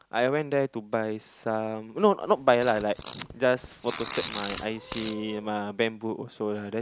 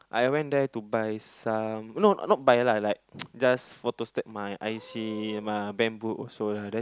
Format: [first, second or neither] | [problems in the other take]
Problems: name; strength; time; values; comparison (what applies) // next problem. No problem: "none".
second | background sound (Fart); 13 dB below the speech